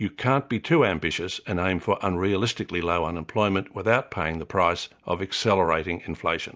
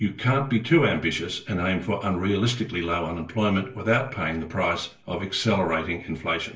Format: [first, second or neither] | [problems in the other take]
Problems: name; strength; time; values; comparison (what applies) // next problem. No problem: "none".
first | room echo; dies away in 0.3 s